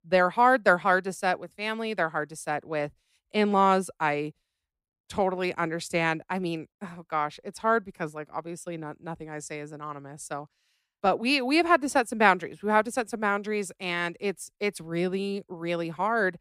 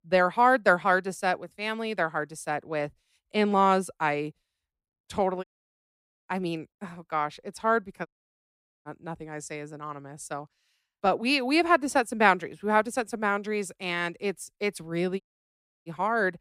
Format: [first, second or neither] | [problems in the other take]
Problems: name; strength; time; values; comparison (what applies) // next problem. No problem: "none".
first | audio cutting out; at 5.5 s for 1 s, at 8 s for 1 s and at 15 s for 0.5 s